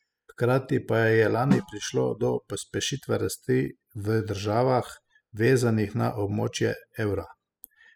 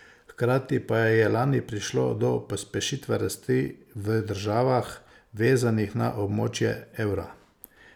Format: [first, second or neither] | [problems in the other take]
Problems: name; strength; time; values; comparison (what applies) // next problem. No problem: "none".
second | noise reduction (classical method spectral subtraction)